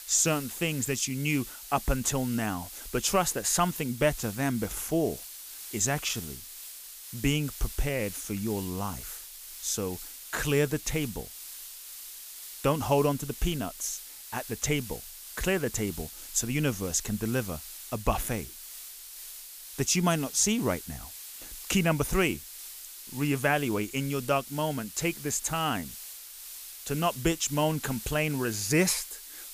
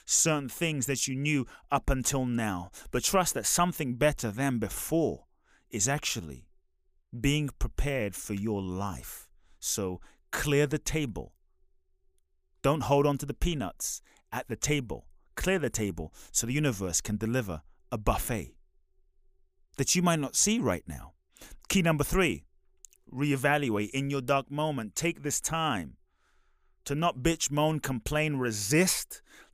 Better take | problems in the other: second | hiss; noticeable; throughout; 10 dB below the speech

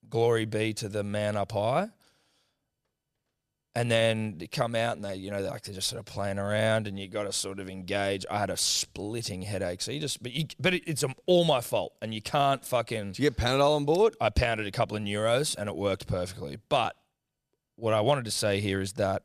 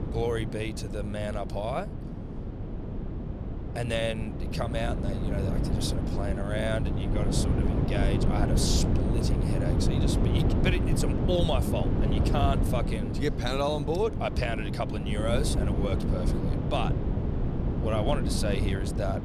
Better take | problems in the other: first | wind noise on the microphone; heavy; 4 dB below the speech

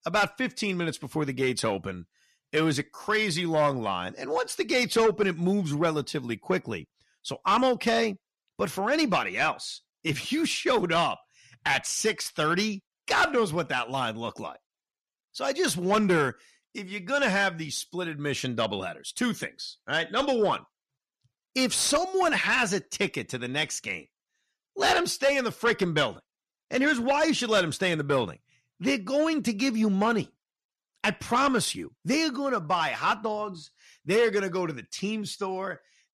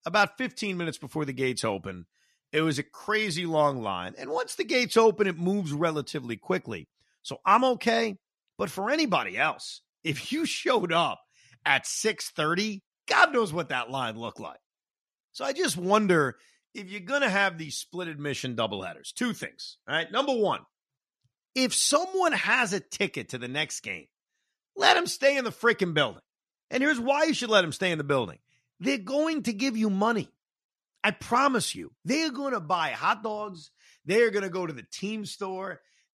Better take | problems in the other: second | distortion; slight; 10 dB below the speech

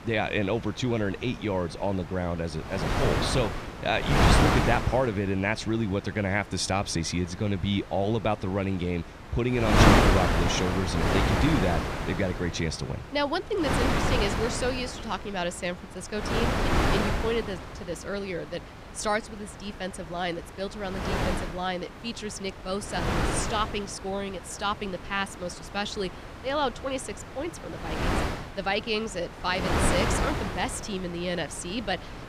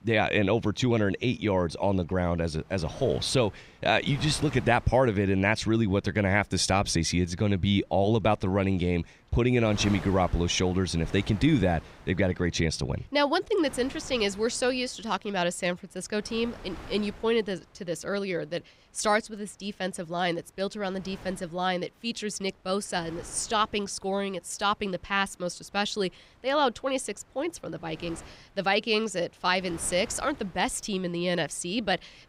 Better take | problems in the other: second | wind noise on the microphone; heavy; 2 dB above the speech; occasional gusts in the second

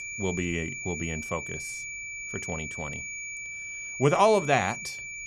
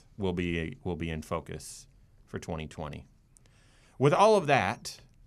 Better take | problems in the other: second | high-pitched whine; loud; throughout; 2.5 kHz, 7 dB below the speech

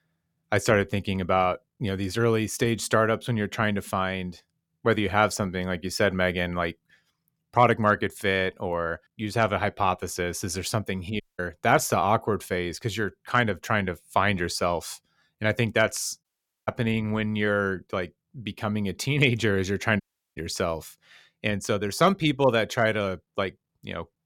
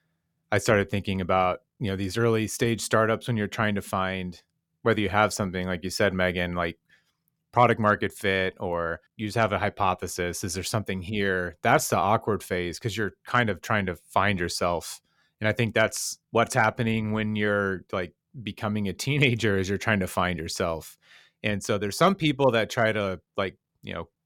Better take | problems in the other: second | audio cutting out; at 11 s, at 16 s and at 20 s

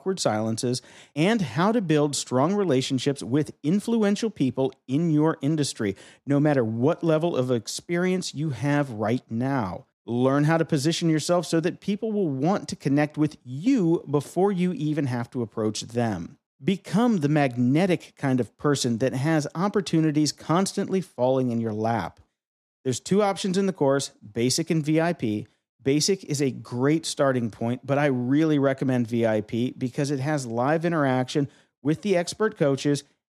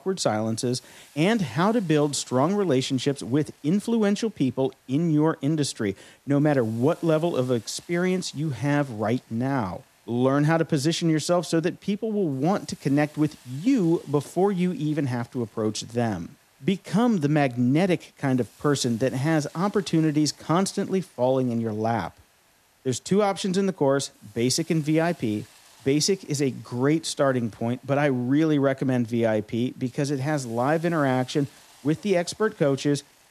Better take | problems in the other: first | hiss; faint; throughout; 30 dB below the speech

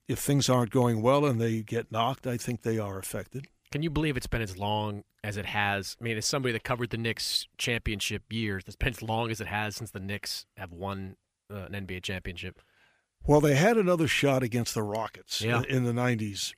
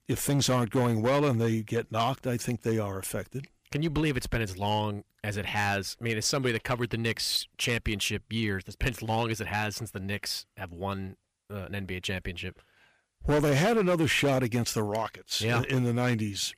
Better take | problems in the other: first | distortion; slight; 5% of the sound clipped

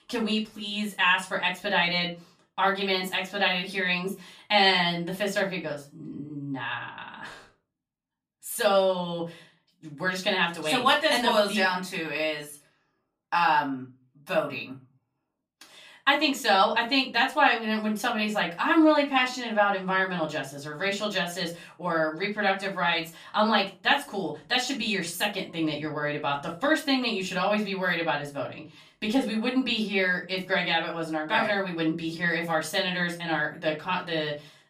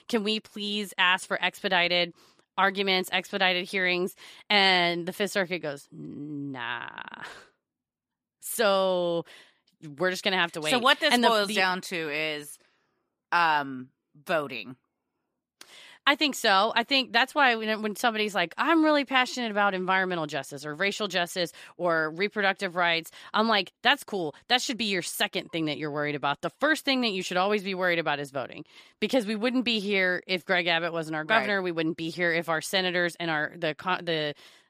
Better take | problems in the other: second | off-mic speech; far // room echo; very slight; dies away in 0.3 s

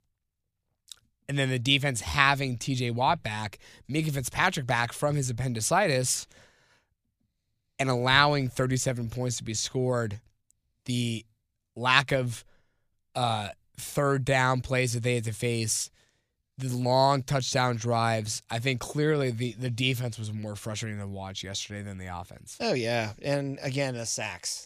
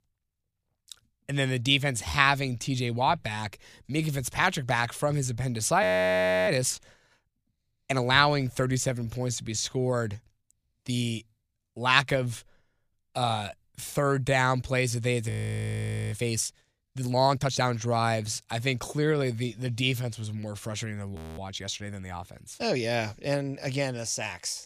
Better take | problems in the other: first | audio freezing; at 6 s for 0.5 s, at 15 s for 1 s and at 21 s

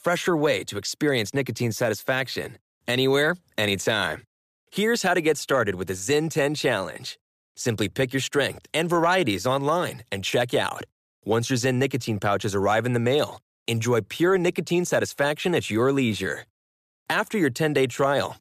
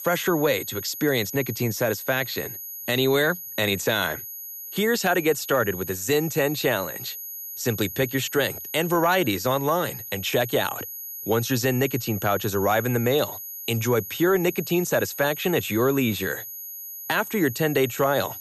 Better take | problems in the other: first | high-pitched whine; loud; throughout; 12 kHz, 9 dB below the speech

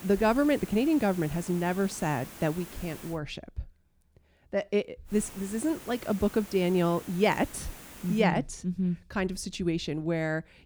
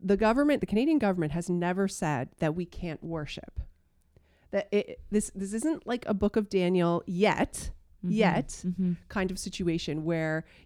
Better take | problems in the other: second | hiss; noticeable; until 3 s and from 5 to 8 s; 15 dB below the speech

